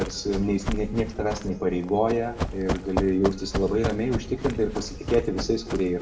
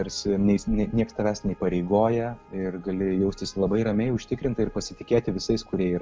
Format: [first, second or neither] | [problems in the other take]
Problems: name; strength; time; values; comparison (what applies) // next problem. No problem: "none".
second | background sound (Run); 7 dB below the speech // room echo; dies away in 1.5 s